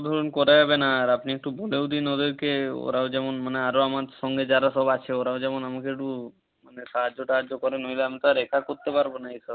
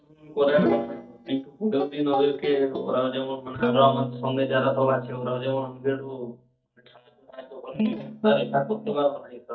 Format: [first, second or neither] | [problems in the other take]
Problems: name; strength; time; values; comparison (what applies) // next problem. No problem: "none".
first | noise reduction (neural mask model DeepFilterNet 3)